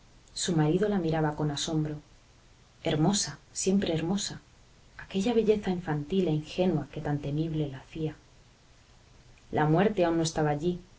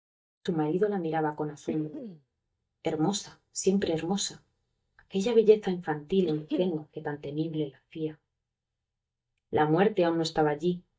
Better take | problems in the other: first | noise reduction (neural mask model DeepFilterNet 3)

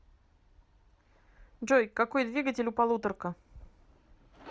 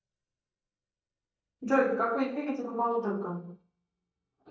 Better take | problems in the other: first | noise reduction (neural mask model DeepFilterNet 3)

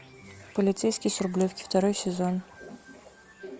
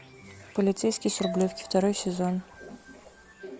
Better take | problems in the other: first | background sound (Marimba, xylophone); 14 dB below the speech

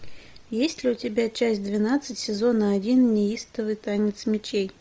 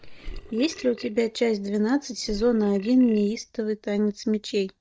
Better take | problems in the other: first | noise reduction (neural mask model DeepFilterNet 3)

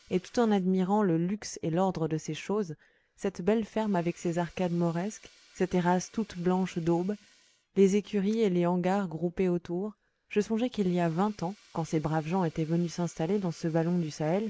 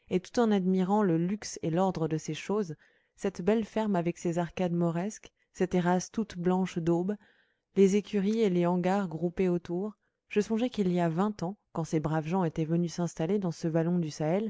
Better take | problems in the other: second | noise reduction (neural mask model Resemble Enhance denoiser)

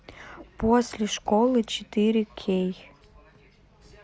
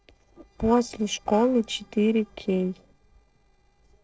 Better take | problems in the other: first | noise reduction (neural separator model SepFormer DNS4)

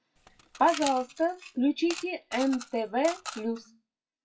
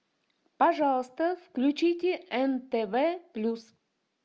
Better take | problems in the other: second | noise reduction (classical method WPE with log-MMSE)

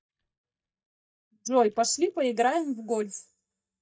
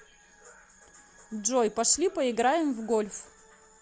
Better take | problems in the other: second | noise reduction (neural mask model DeepFilterNet 3)

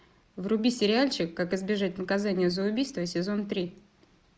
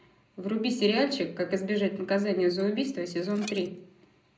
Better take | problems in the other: first | background sound (Dishes, pots, and pans); 19 dB below the speech // room echo; dies away in 0.5 s

